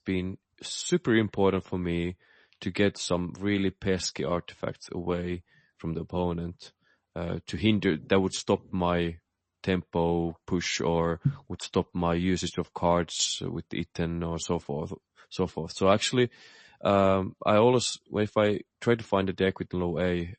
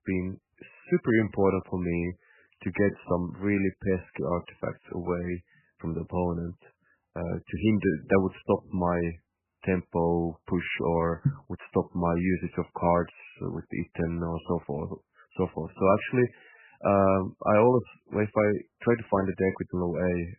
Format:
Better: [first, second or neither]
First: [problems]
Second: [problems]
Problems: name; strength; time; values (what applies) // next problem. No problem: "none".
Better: first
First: garbled, watery; slightly; nothing above 8 kHz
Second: garbled, watery; badly; nothing above 3 kHz